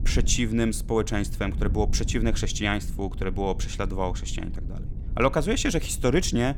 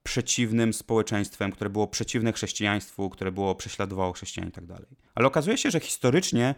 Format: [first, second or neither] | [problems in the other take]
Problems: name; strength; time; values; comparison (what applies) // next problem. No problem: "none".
second | wind noise on the microphone; occasional gusts; 20 dB below the speech